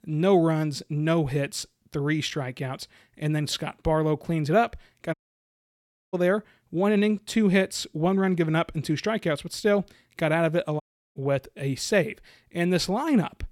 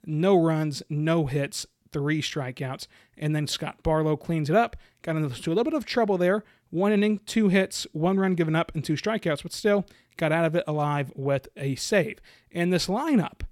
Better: second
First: audio cutting out; at 5 s for 1 s and at 11 s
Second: none

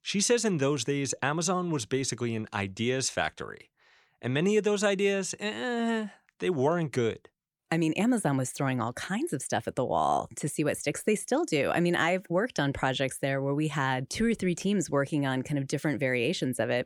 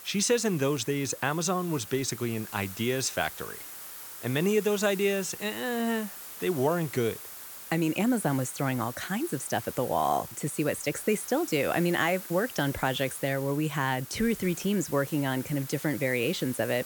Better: first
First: none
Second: hiss; noticeable; throughout; 10 dB below the speech

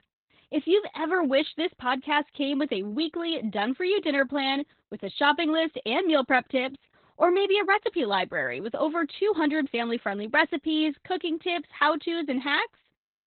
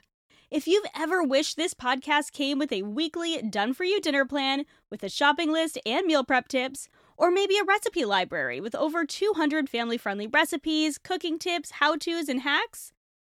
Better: second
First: garbled, watery; badly; nothing above 4 kHz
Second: none

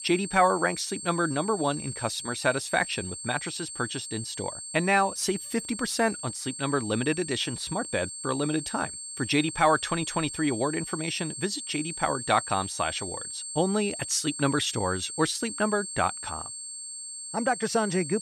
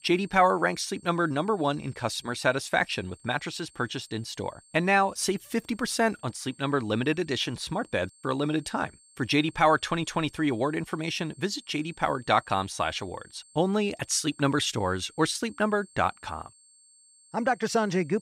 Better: second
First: high-pitched whine; loud; throughout; 8.5 kHz, 7 dB below the speech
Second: high-pitched whine; faint; throughout; 8.5 kHz, 25 dB below the speech

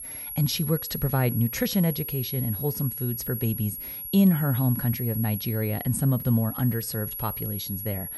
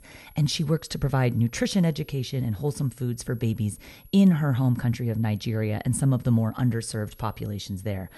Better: second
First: high-pitched whine; loud; throughout; 11.5 kHz, 6 dB below the speech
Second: high-pitched whine; faint; throughout; 11.5 kHz, 30 dB below the speech

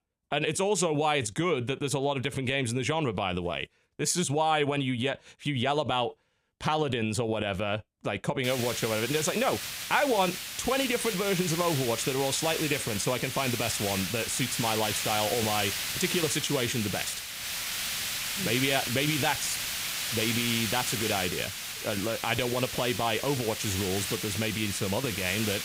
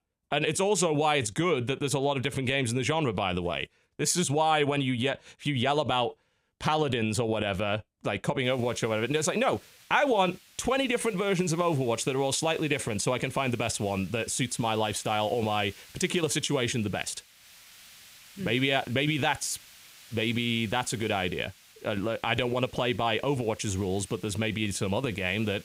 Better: second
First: hiss; loud; from 8.5 s on; 3 dB below the speech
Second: hiss; faint; from 8.5 s on; 25 dB below the speech

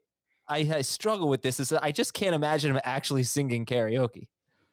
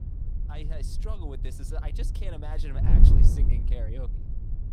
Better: first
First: none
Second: wind noise on the microphone; heavy; as loud as the speech

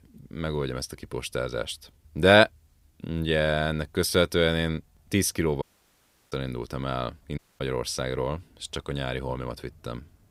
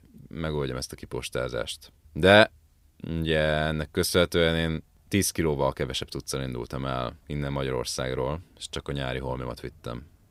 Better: second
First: audio cutting out; at 5.5 s for 0.5 s and at 7.5 s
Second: none

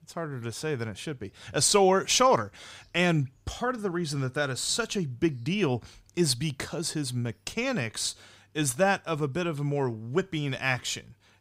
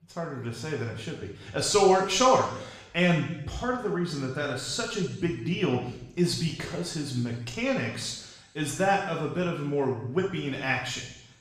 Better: first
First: none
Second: room echo; noticeable; dies away in 0.9 s // off-mic speech; far

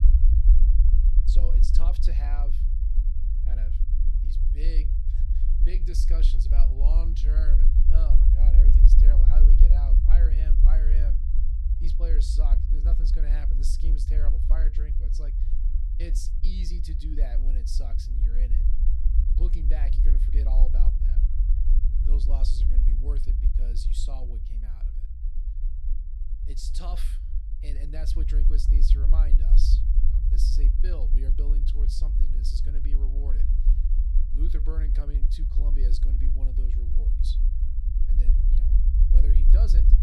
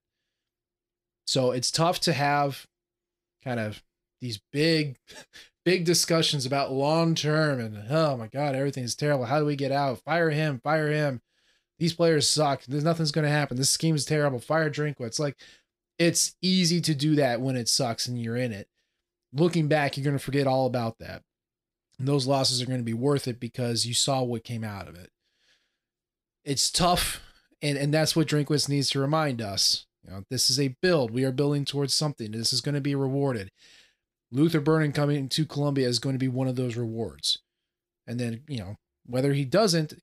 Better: second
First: low rumble; loud; throughout; 2 dB below the speech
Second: none

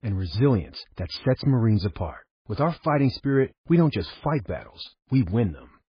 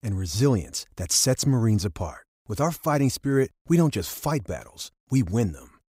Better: second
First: garbled, watery; badly; nothing above 5 kHz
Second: none

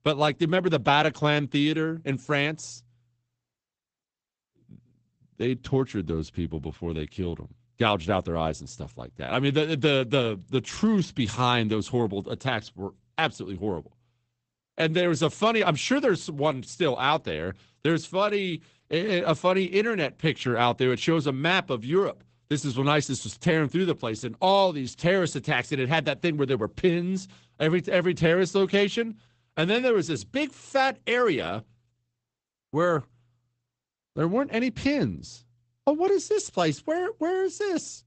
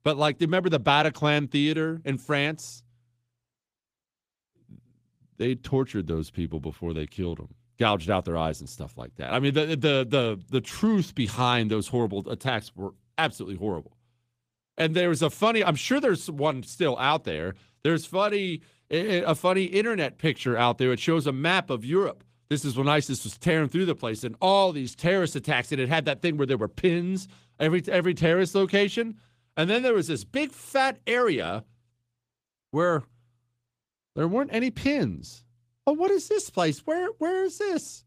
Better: second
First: garbled, watery; badly; nothing above 8 kHz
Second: garbled, watery; slightly; nothing above 15 kHz

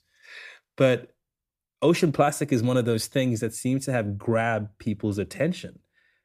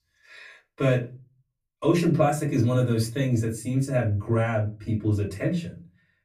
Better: first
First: none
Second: off-mic speech; far // room echo; very slight; dies away in 0.3 s

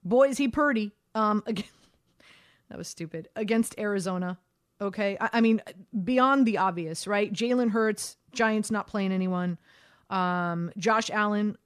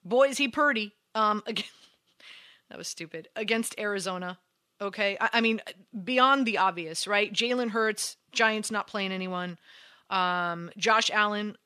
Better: first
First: none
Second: thin; very slightly; fading below 500 Hz

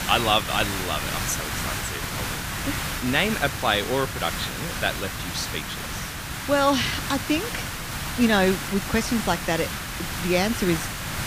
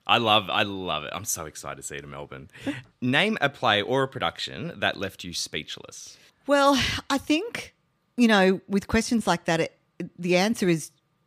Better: second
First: hiss; loud; throughout; 4 dB below the speech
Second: none

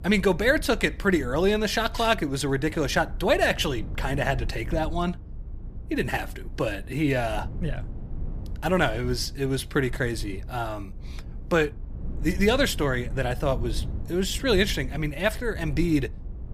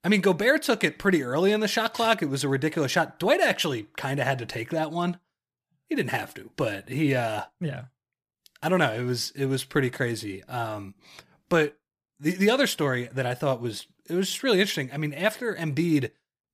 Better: second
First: low rumble; faint; throughout; 25 dB below the speech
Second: none

